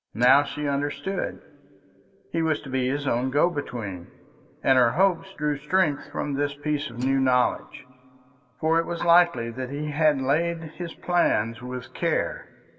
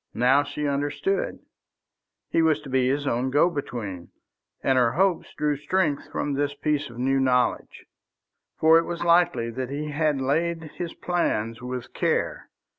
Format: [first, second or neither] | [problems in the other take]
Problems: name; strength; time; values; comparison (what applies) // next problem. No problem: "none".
second | background sound (Guitar); 20 dB below the speech // room echo; dies away in 2.1 s